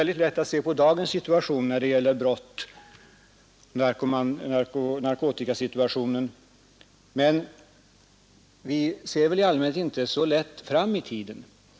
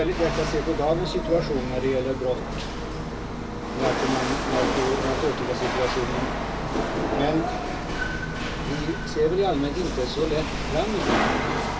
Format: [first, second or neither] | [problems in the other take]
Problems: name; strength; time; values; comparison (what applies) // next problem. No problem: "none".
first | background sound (Rattle / Chatter / Hiss / Engine / Mechanisms); as loud as the speech // room echo; dies away in 0.1 s